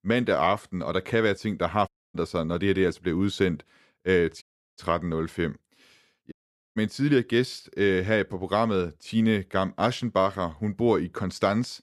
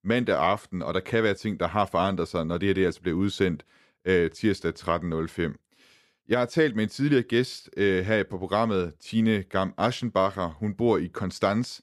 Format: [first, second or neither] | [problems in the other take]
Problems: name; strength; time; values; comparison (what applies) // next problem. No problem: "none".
second | audio cutting out; at 2 s, at 4.5 s and at 6.5 s